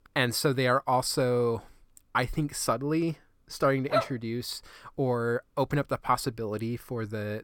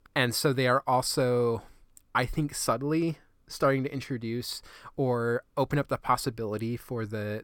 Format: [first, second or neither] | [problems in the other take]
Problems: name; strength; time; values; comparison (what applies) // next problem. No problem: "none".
second | dog barking; noticeable; at 4 s; peak level with the speech